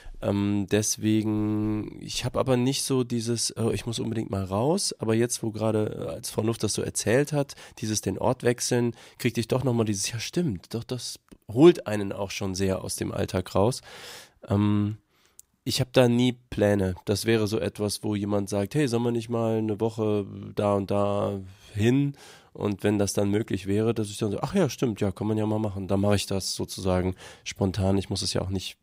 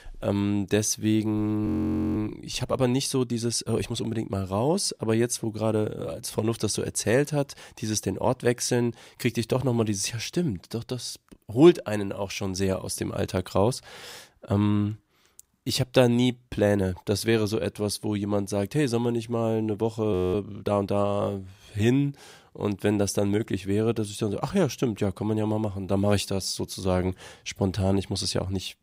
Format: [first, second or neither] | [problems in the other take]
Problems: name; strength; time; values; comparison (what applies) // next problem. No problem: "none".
first | audio freezing; at 1.5 s and at 20 s